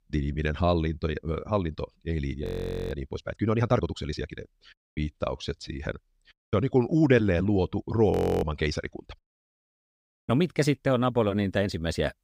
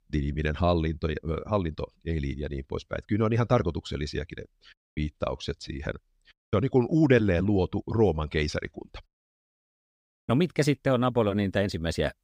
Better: second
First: audio freezing; at 2.5 s and at 8 s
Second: none

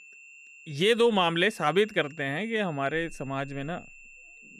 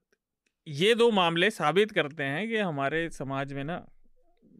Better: second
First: high-pitched whine; faint; throughout; 2.5 kHz, 20 dB below the speech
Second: none

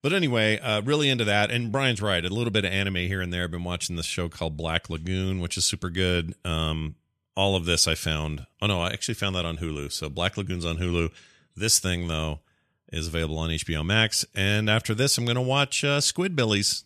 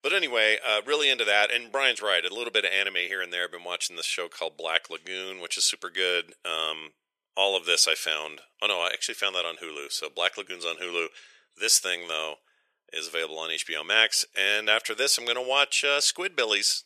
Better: first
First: none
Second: thin; very; fading below 450 Hz

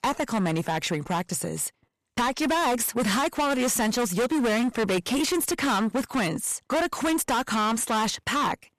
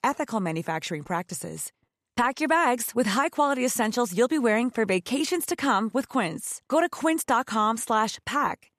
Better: second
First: distortion; heavy; 24% of the sound clipped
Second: none

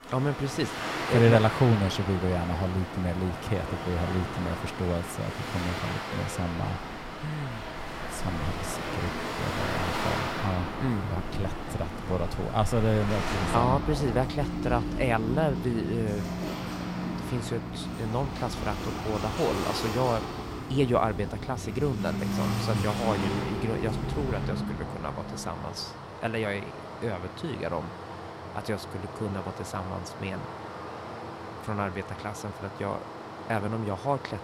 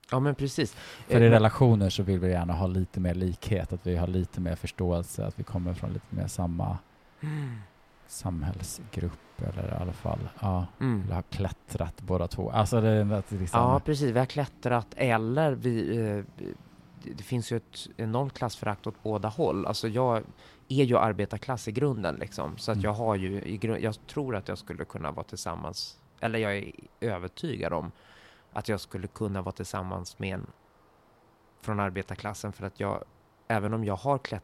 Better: second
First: rain or running water; loud; throughout; 4 dB below the speech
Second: rain or running water; faint; throughout; 30 dB below the speech

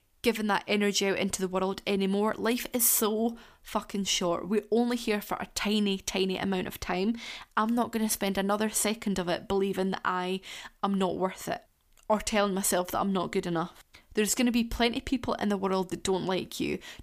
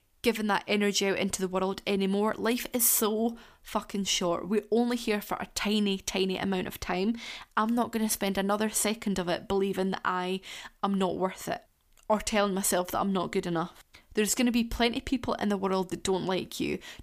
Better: neither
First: none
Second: none

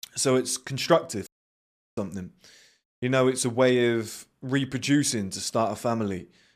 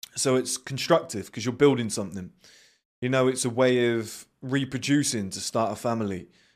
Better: second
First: audio cutting out; at 1.5 s for 0.5 s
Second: none

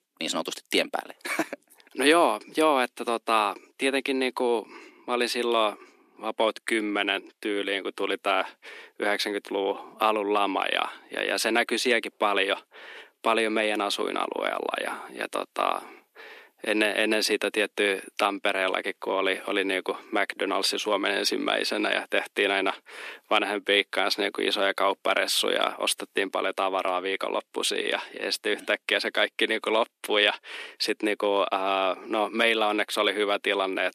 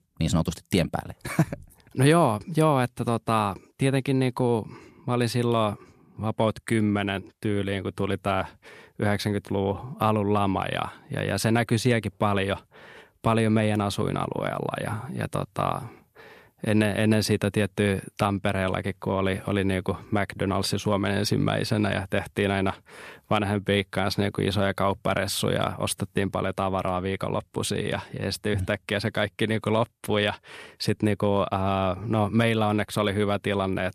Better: second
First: thin; somewhat; fading below 300 Hz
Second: none

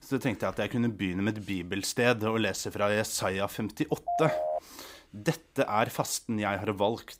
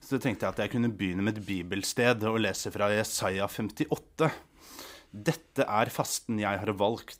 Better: second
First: phone ringing; noticeable; at 4 s; peak 1 dB below the speech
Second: none

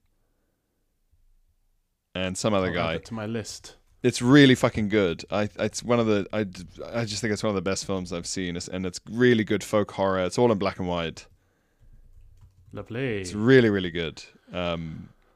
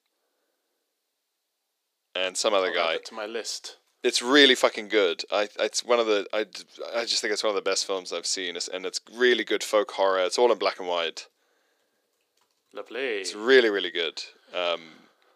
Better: first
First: none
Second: thin; somewhat; fading below 350 Hz

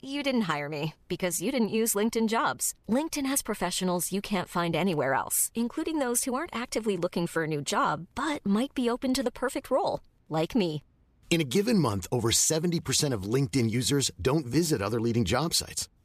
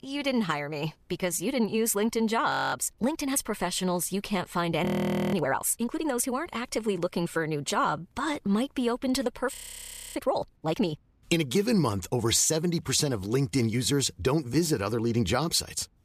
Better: first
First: none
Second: audio freezing; at 2.5 s, at 5 s and at 9.5 s for 0.5 s

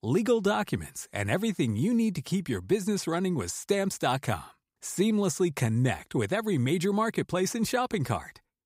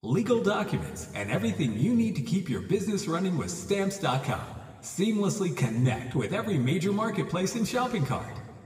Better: first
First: none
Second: room echo; slight; dies away in 1.6 s // off-mic speech; somewhat distant

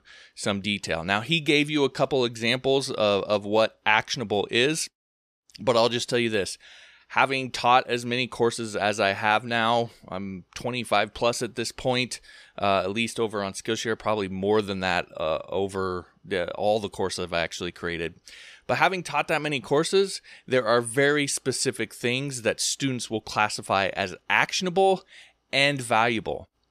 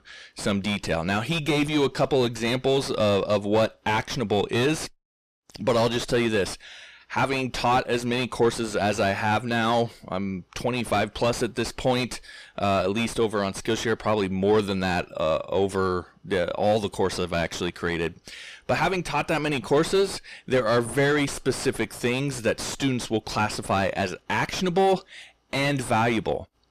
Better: first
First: none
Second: distortion; heavy; 5 dB below the speech

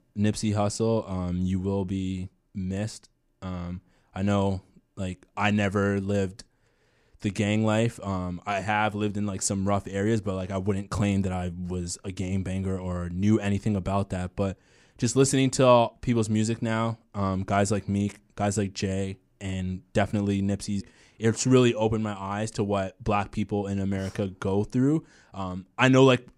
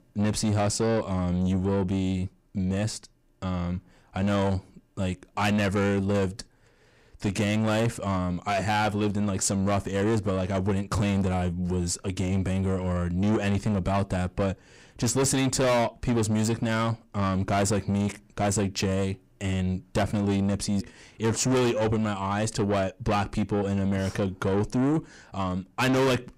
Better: first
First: none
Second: distortion; heavy; 7 dB below the speech

